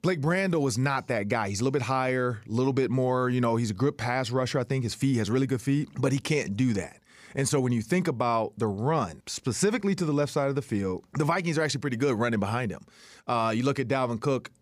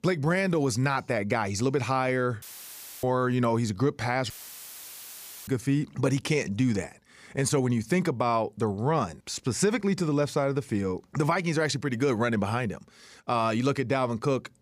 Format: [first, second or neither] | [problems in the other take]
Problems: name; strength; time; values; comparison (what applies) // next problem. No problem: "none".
first | audio cutting out; filled with static; at 2.5 s for 0.5 s and at 4.5 s for 1 s